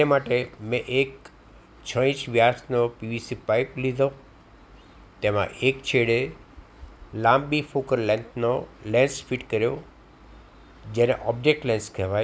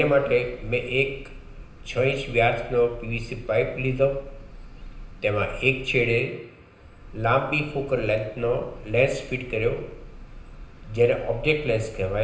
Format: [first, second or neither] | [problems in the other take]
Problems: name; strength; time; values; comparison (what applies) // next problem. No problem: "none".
first | background sound (Bird / Breathing); 15 dB below the speech // room echo; dies away in 0.9 s